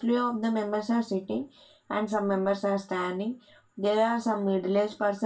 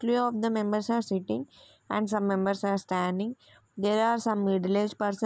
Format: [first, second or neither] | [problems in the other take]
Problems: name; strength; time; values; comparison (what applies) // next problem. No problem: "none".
second | room echo; dies away in 0.2 s